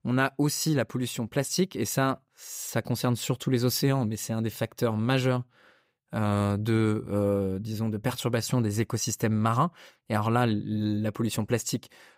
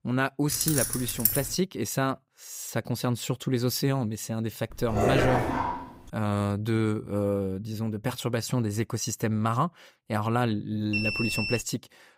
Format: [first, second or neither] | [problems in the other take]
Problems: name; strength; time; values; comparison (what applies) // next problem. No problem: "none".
first | jangling keys; loud; at 0.5 s; peak 4 dB above the speech // dog barking; loud; from 4.5 to 6 s; peak 5 dB above the speech // alarm; loud; at 11 s; peak 1 dB above the speech